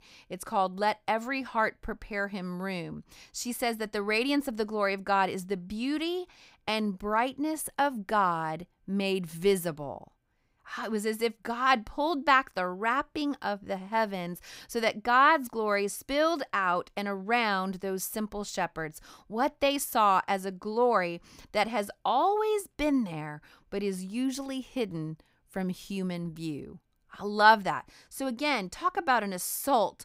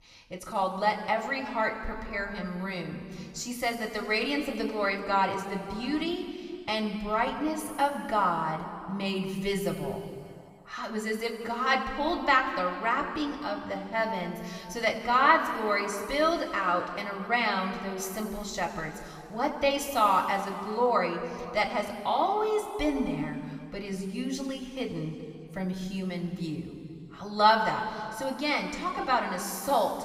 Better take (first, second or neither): first